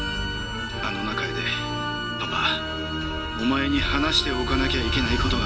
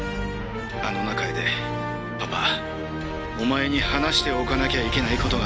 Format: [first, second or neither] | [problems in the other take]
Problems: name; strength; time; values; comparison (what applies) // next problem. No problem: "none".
second | background sound (Bowed string instrument); 9 dB below the speech // room echo; dies away in 0.5 s